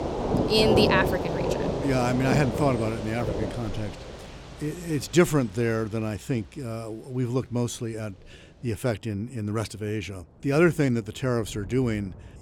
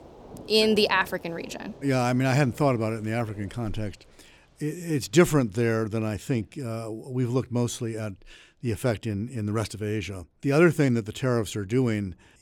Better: second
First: rain or running water; loud; throughout; 1 dB below the speech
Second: rain or running water; faint; throughout; 20 dB below the speech

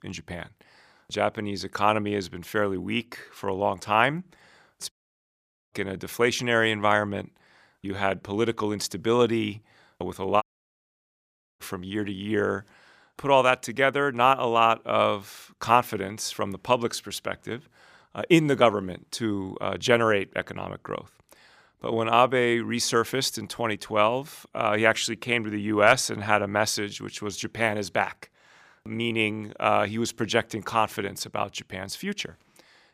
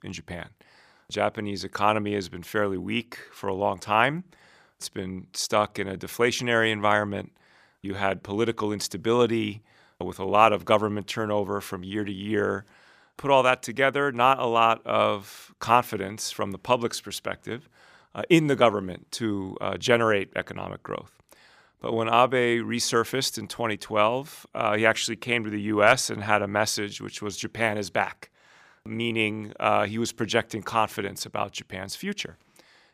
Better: second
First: audio cutting out; at 5 s for 1 s and at 10 s for 1 s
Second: none

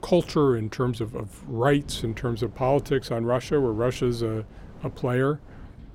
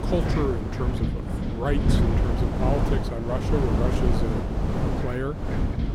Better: first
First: wind noise on the microphone; occasional gusts; 25 dB below the speech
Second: wind noise on the microphone; heavy; as loud as the speech

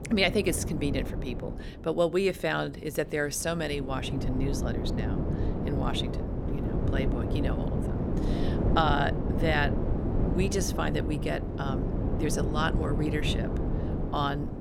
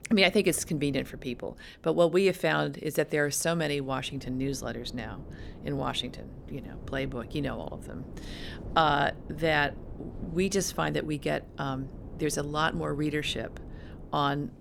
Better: second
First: wind noise on the microphone; heavy; 6 dB below the speech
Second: wind noise on the microphone; occasional gusts; 20 dB below the speech

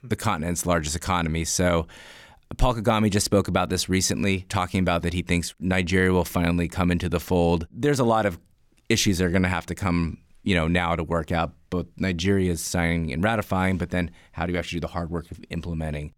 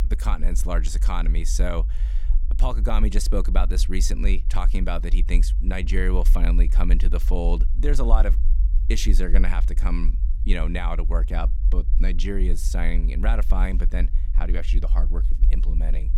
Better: first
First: none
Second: low rumble; noticeable; throughout; 15 dB below the speech

